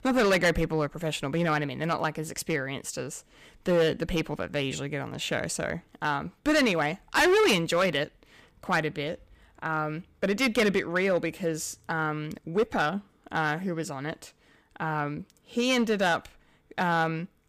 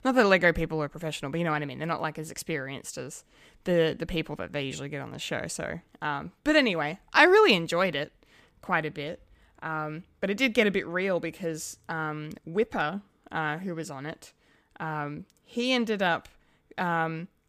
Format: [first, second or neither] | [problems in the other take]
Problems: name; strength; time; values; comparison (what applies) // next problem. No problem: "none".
second | distortion; heavy; 4% of the sound clipped